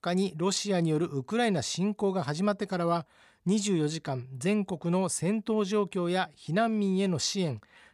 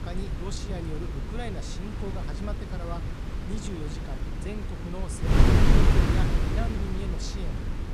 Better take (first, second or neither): first